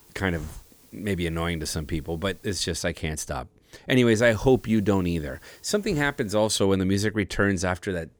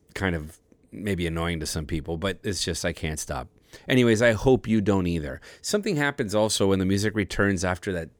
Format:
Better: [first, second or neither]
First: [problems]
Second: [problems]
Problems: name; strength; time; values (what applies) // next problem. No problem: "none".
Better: second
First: hiss; faint; until 2.5 s and from 4 to 6.5 s; 25 dB below the speech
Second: none